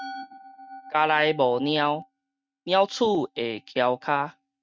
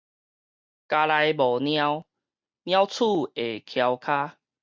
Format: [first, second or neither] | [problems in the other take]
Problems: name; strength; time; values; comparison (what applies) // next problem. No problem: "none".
second | noise reduction (neural mask model RNNoise)